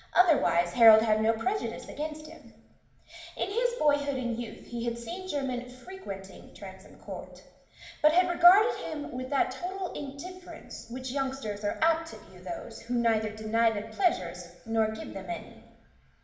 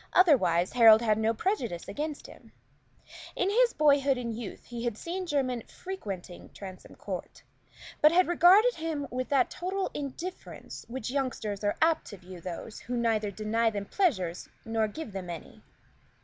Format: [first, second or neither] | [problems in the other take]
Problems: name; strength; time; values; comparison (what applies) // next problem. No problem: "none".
second | room echo; dies away in 0.9 s